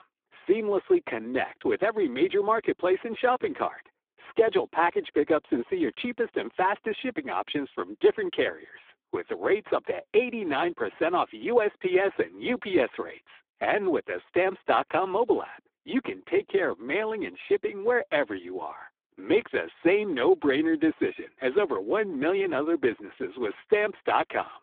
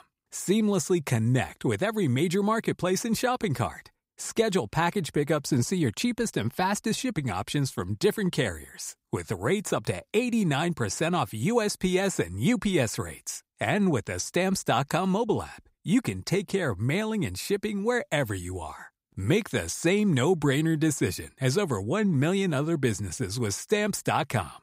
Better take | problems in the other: second | phone-call audio; poor line

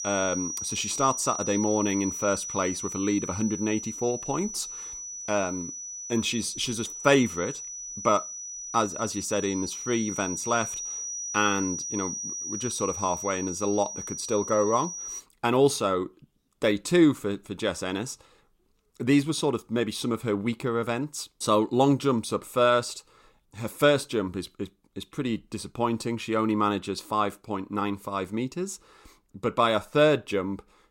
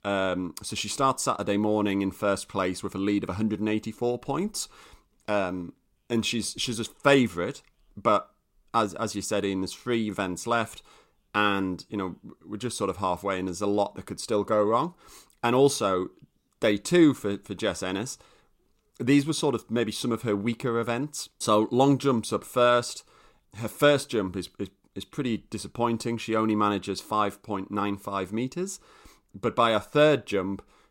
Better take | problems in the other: second | high-pitched whine; loud; until 15 s; 6 kHz, 6 dB below the speech

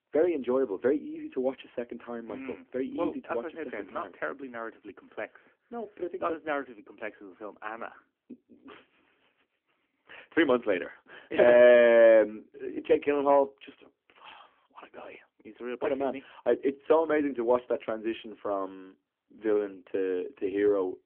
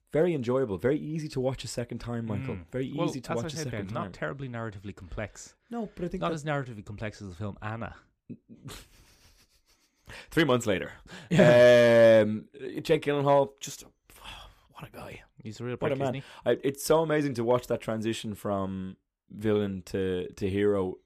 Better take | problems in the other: second | phone-call audio; nothing above 3.5 kHz

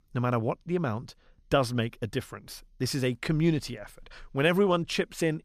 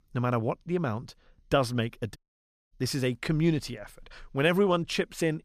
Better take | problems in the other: first | audio cutting out; at 2 s for 0.5 s

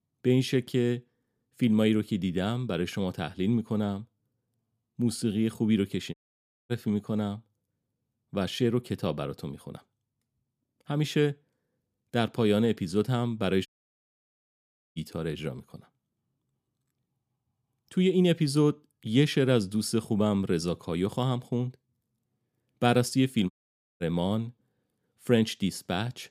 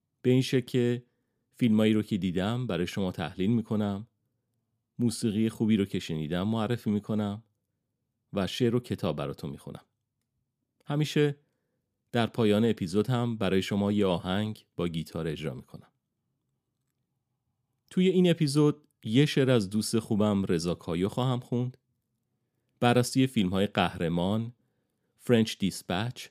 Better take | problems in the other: second | audio cutting out; at 6 s for 0.5 s, at 14 s for 1.5 s and at 24 s for 0.5 s

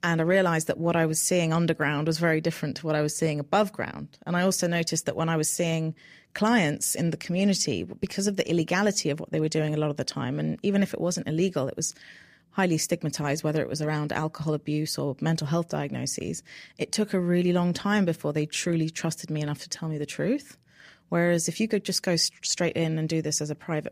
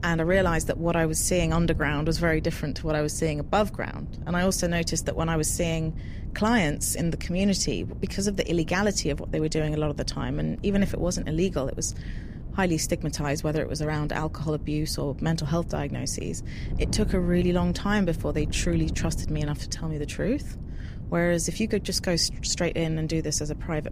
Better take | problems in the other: first | wind noise on the microphone; occasional gusts; 20 dB below the speech

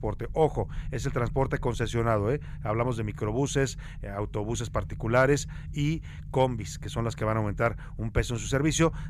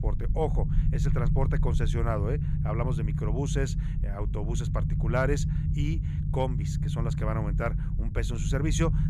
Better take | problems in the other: first | low rumble; loud; throughout; 7 dB below the speech; faint in the first

